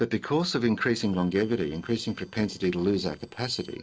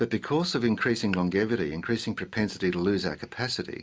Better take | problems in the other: second | noise reduction (neural separator model SepFormer DNS4)

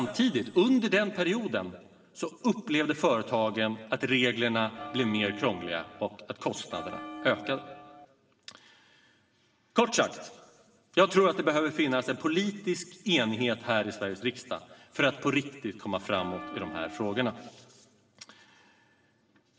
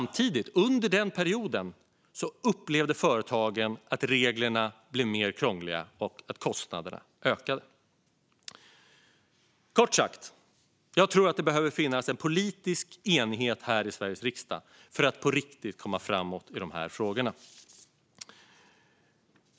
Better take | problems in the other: second | background sound (Bell); 12 dB below the speech // room echo; dies away in 1.4 s

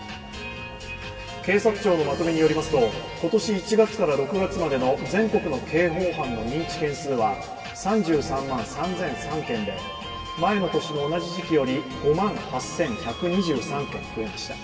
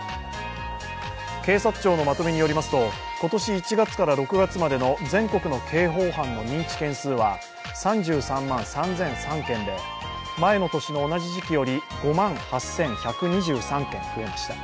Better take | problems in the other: second | room echo; dies away in 2 s

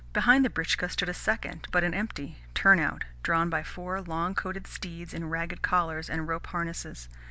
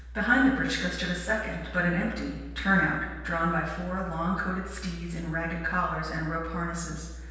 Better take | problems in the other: first | room echo; dies away in 1.2 s

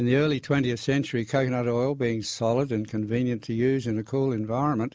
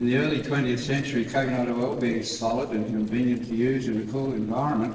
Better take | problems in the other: first | noise reduction (neural separator model SepFormer DNS4)

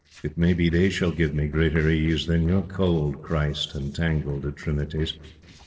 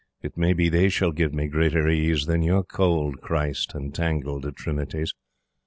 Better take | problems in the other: second | noise reduction (neural separator model SepFormer DNS4)

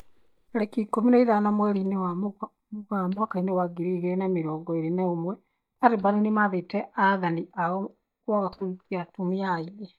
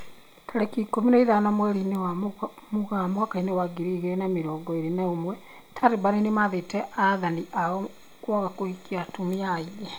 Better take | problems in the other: second | noise reduction (neural mask model DeepFilterNet 3)

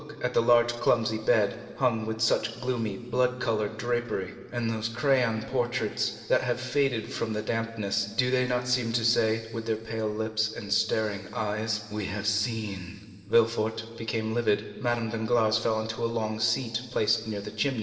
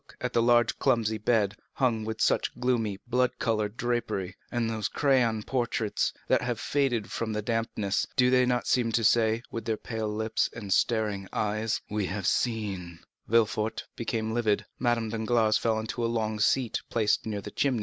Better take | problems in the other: second | room echo; dies away in 2.1 s

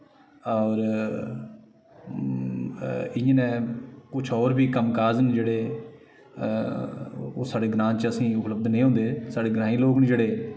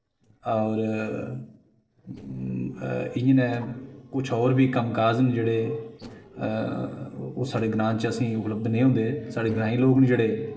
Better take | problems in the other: first | noise reduction (neural separator model SepFormer DNS4)

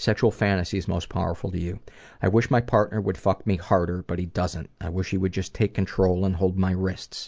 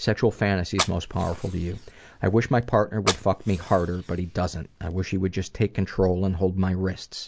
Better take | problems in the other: first | background sound (Fire); 10 dB below the speech

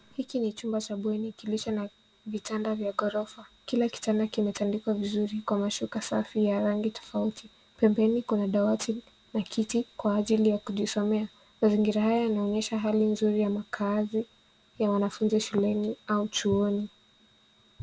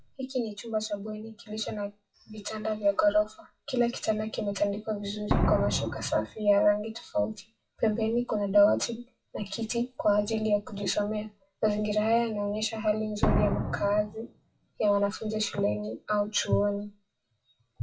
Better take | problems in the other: first | noise reduction (classical method WPE with log-MMSE)

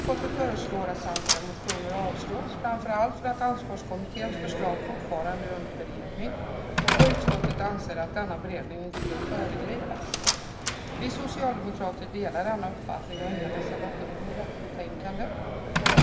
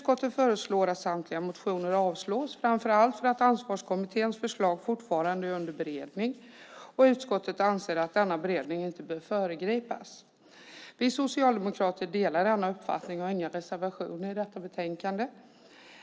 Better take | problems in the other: second | background sound (Slam); 3 dB above the speech // room echo; dies away in 0.8 s

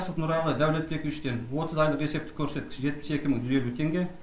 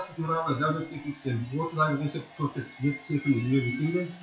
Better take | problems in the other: first | noise reduction (classical method WPE with log-MMSE)

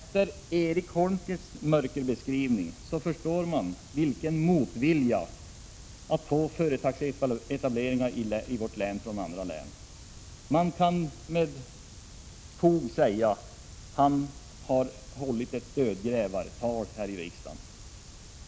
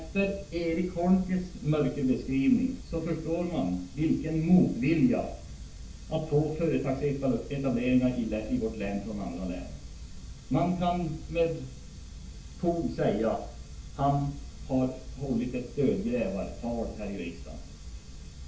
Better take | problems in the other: first | room echo; dies away in 0.4 s

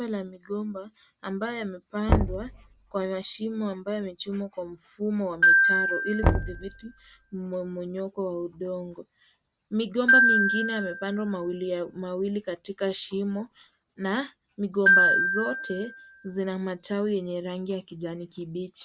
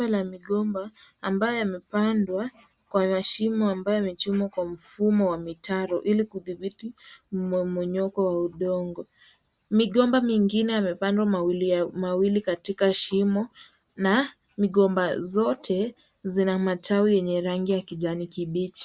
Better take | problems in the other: second | background sound (Knock + Glockenspiel); 4 dB above the speech

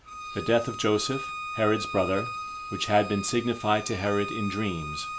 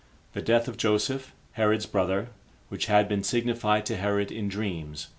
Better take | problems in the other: second | background sound (Bowed string instrument); 9 dB below the speech

